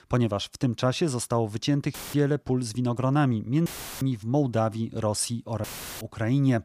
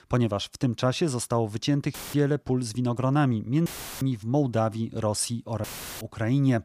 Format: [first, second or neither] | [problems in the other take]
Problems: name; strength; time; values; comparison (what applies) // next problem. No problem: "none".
neither | audio cutting out; filled with static; at 2 s, at 3.5 s and at 5.5 s; the same in both